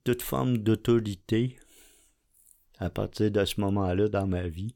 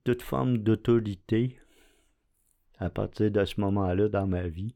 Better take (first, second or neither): first